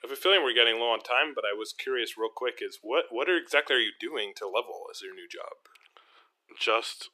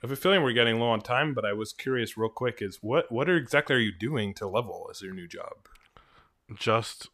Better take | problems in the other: second | thin; very; fading below 350 Hz

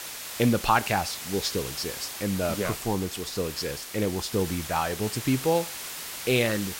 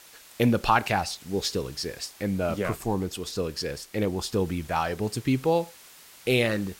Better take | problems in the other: second | hiss; loud; throughout; 7 dB below the speech; faint in the second

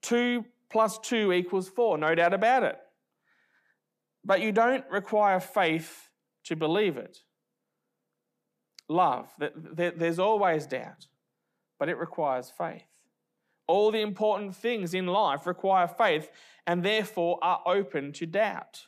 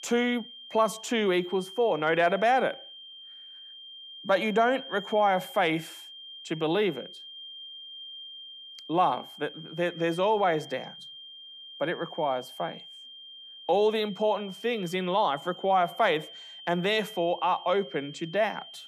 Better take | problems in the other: first | high-pitched whine; noticeable; throughout; 3 kHz, 15 dB below the speech

